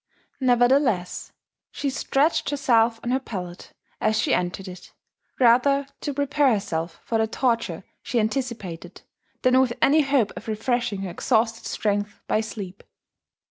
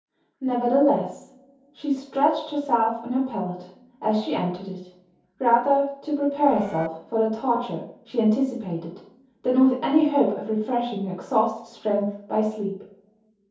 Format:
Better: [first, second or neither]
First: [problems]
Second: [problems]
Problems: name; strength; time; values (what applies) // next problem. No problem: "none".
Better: first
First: none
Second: background sound (Bird); 19 dB below the speech // room echo; dies away in 0.6 s